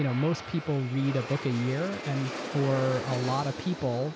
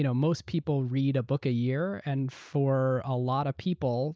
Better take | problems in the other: second | background sound (Aircraft); 9 dB below the speech

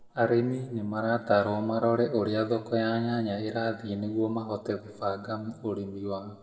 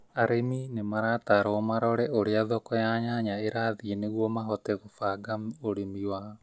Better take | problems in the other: second | room echo; dies away in 1.3 s

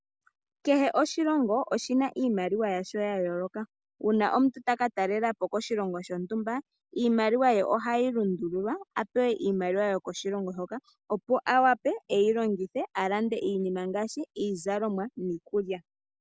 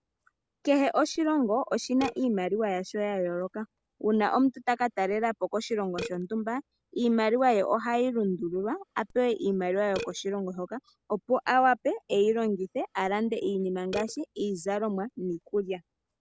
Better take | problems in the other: first | background sound (Burping, eructation); 20 dB below the speech

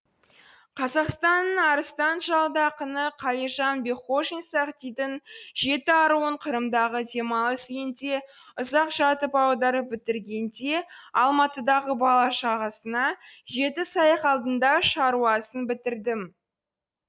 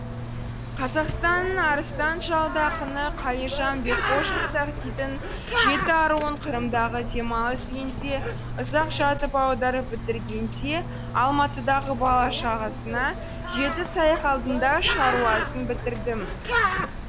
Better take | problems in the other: first | background sound (Bird); 3 dB below the speech

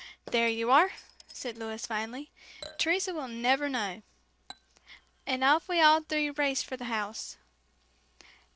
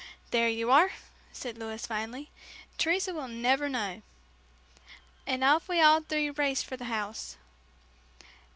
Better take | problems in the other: second | noise reduction (neural separator model SepFormer DNS4)

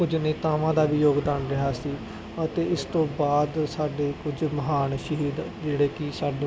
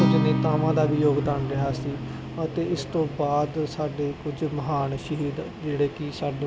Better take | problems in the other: first | background sound (Acoustic guitar); 4 dB below the speech

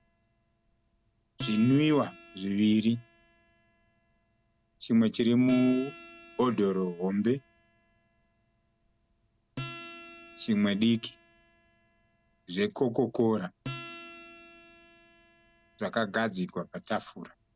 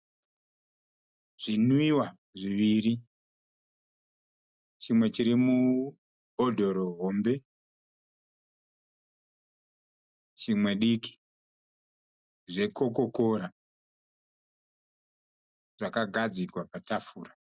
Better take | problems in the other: second | background sound (Acoustic guitar); 18 dB below the speech

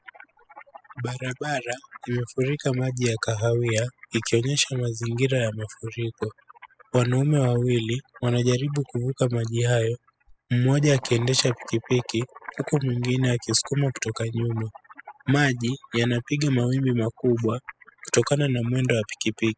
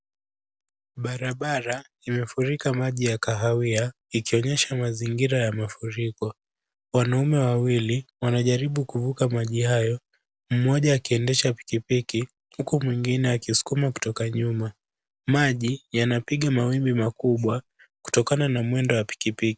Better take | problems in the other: second | noise reduction (classical method spectral subtraction)

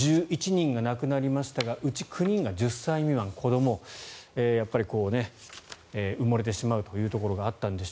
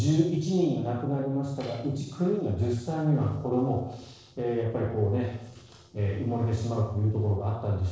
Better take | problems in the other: first | noise reduction (neural separator model SepFormer DNS4)

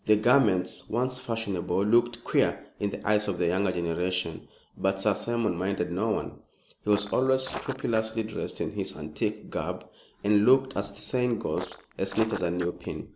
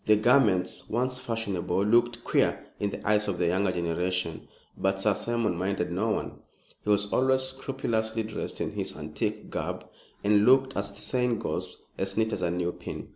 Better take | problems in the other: second | background sound (Walk, footsteps); 13 dB below the speech

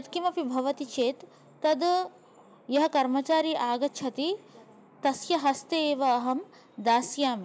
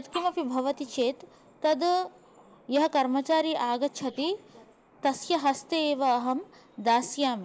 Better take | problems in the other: first | noise reduction (neural mask model Resemble Enhance denoiser)

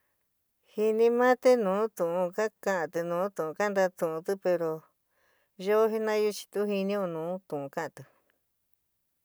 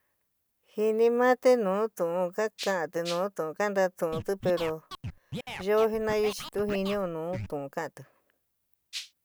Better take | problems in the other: first | background sound (Rattle (instrument) + Scratching (performance technique)); 11 dB below the speech

